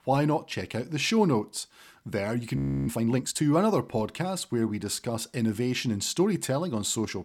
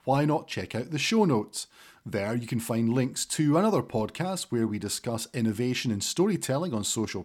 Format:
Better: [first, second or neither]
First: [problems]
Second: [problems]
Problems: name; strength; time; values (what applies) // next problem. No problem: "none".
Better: second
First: audio freezing; at 2.5 s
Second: none